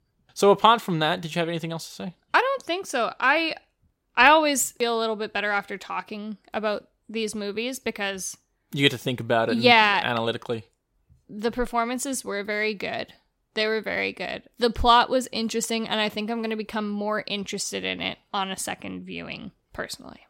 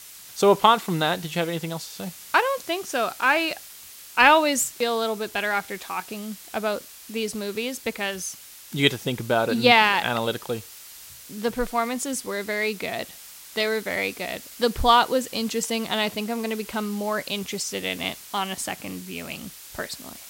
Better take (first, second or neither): first